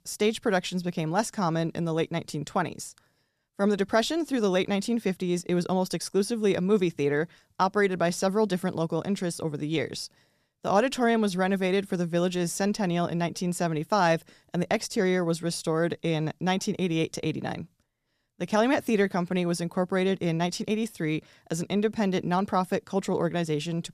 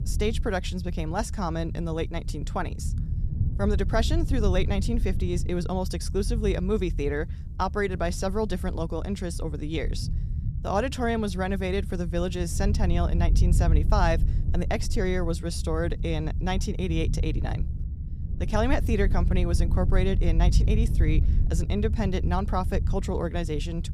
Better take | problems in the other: first | low rumble; noticeable; throughout; 15 dB below the speech

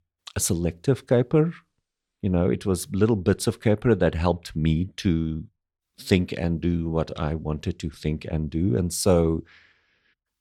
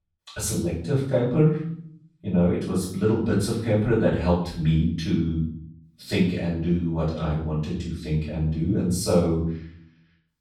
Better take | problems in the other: first | off-mic speech; far // room echo; noticeable; dies away in 0.6 s

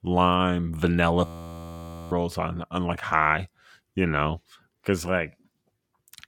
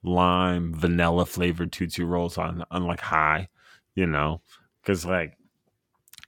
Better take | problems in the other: second | audio freezing; at 1.5 s for 1 s

